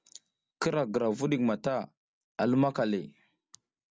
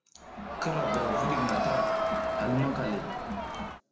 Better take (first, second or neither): first